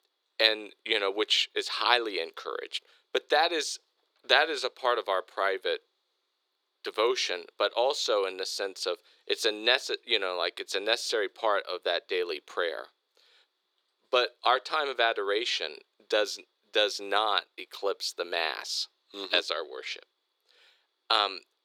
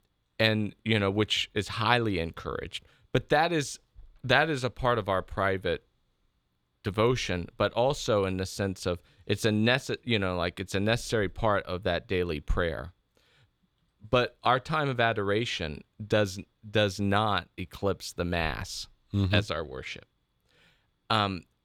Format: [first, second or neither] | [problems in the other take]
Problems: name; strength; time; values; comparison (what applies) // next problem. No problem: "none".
second | thin; very; fading below 350 Hz